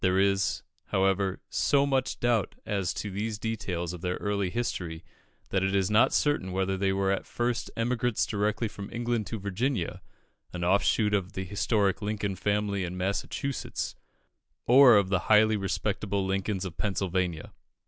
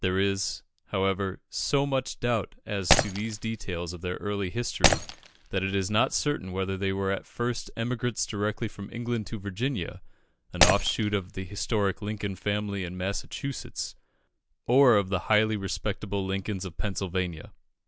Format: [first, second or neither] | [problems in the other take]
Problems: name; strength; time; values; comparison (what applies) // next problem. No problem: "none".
first | background sound (Shatter); as loud as the speech